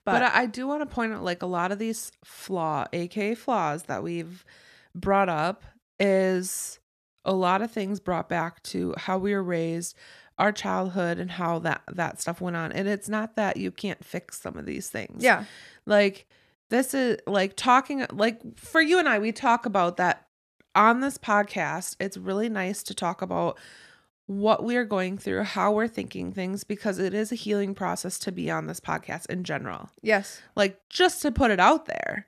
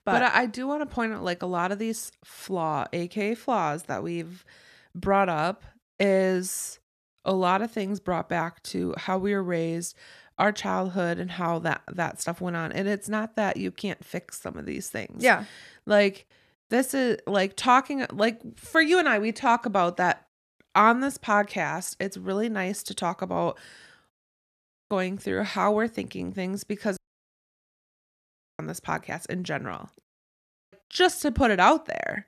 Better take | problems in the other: first | audio cutting out; at 24 s for 0.5 s, at 27 s for 1.5 s and at 30 s for 0.5 s

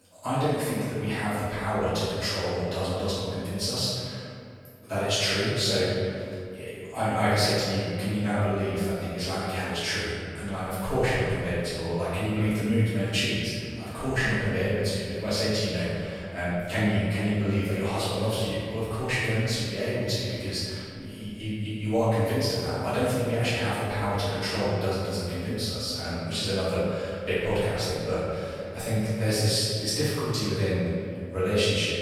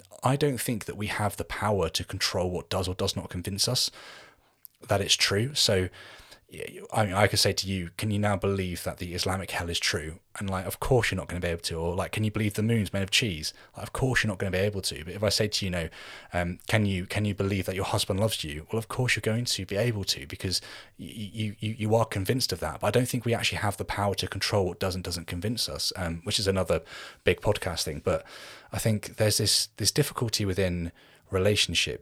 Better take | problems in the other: second | off-mic speech; far // room echo; strong; dies away in 2.1 s

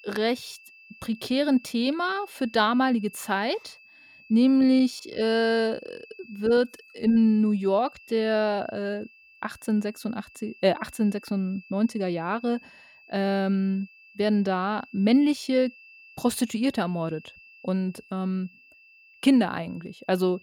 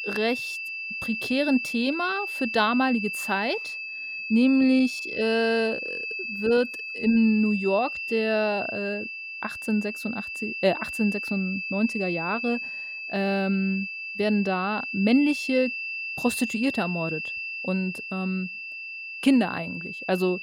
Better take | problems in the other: first | high-pitched whine; loud; throughout; 2.5 kHz, 5 dB below the speech; faint in the first

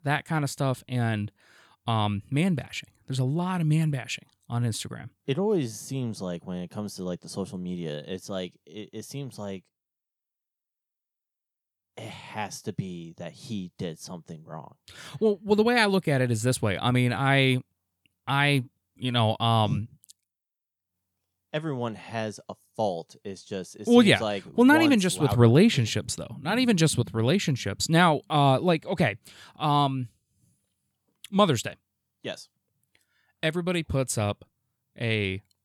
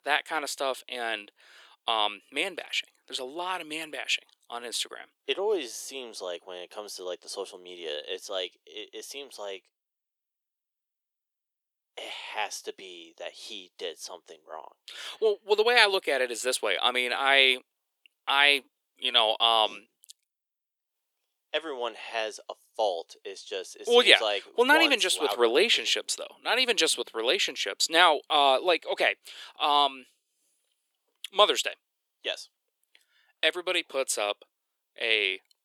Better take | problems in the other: first | thin; very; fading below 400 Hz

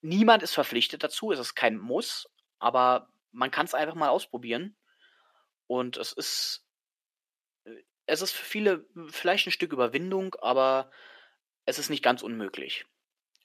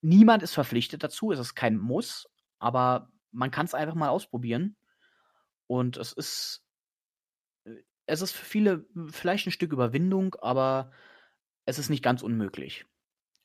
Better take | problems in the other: second | thin; somewhat; fading below 400 Hz

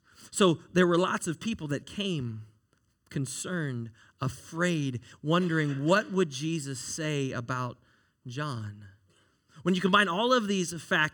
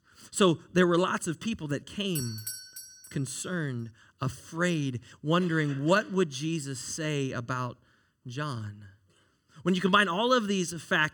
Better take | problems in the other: first | doorbell; noticeable; at 2 s; peak 6 dB below the speech

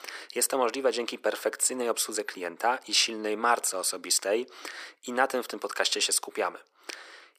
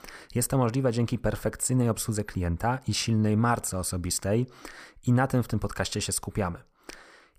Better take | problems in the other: second | thin; very; fading below 350 Hz

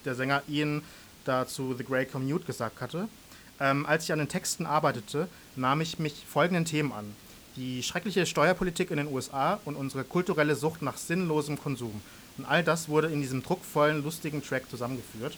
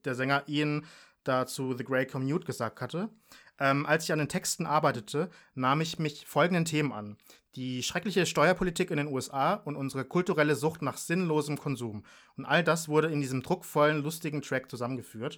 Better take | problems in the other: second | hiss; faint; throughout; 20 dB below the speech

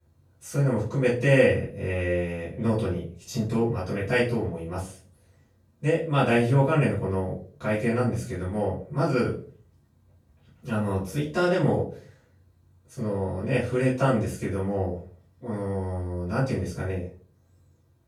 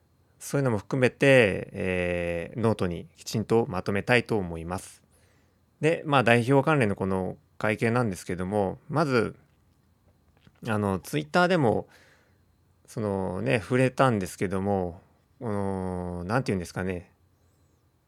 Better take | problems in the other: second | off-mic speech; far // room echo; noticeable; dies away in 0.4 s

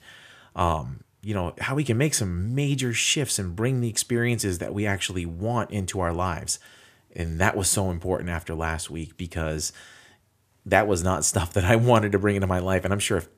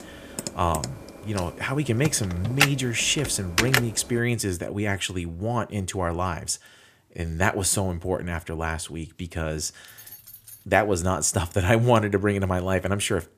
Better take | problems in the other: first | keyboard typing; loud; until 4 s; peak 3 dB above the speech // jangling keys; faint; at 10 s; peak 15 dB below the speech

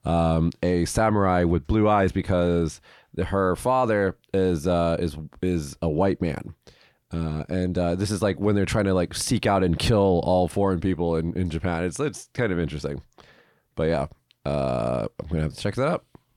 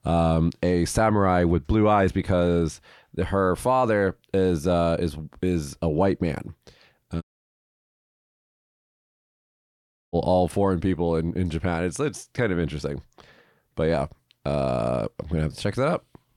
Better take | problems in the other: first | audio cutting out; at 7 s for 3 s

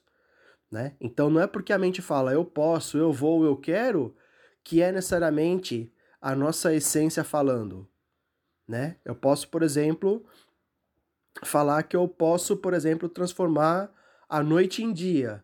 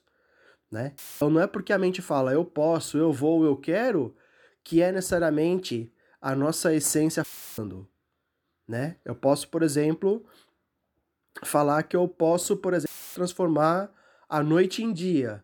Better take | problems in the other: first | audio cutting out; filled with static; at 1 s, at 7 s and at 13 s

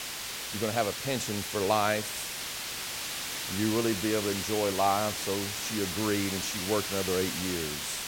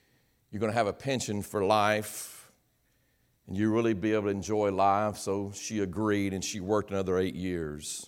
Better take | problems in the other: second | hiss; loud; throughout; 2 dB below the speech

